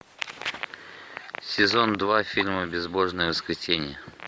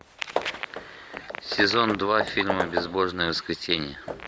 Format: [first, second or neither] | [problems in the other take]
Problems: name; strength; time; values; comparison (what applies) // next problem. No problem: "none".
first | background sound (Hammer / Wood); 8 dB below the speech